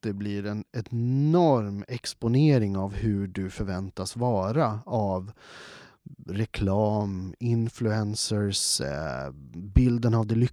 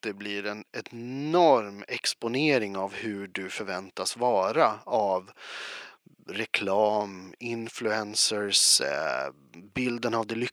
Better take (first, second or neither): first